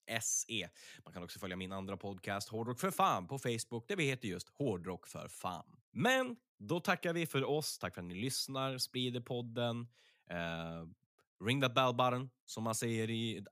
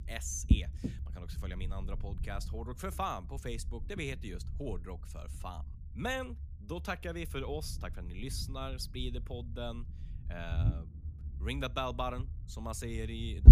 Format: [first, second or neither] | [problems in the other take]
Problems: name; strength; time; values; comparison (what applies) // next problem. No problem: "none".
first | low rumble; noticeable; throughout; 10 dB below the speech